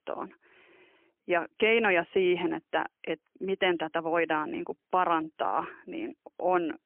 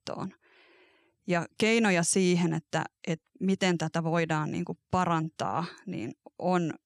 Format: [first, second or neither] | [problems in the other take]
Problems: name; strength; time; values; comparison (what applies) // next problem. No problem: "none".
second | phone-call audio; poor line; nothing above 3 kHz